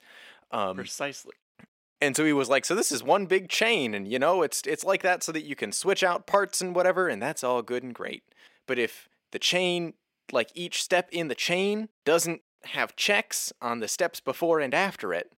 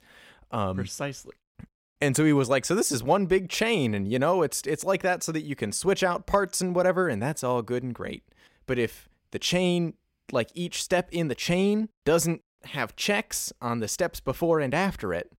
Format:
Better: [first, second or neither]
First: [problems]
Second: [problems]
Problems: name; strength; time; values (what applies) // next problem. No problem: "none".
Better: second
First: thin; very slightly; fading below 250 Hz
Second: none